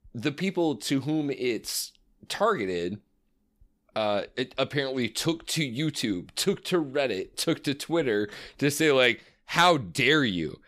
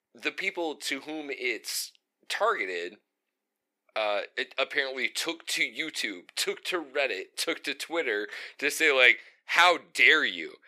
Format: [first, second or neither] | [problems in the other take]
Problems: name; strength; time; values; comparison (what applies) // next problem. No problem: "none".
first | thin; very; fading below 400 Hz